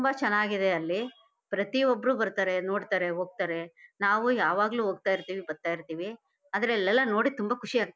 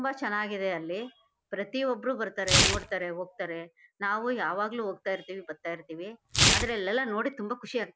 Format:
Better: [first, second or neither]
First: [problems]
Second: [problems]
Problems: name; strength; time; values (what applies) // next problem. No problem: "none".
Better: first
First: none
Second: background sound (Tearing); as loud as the speech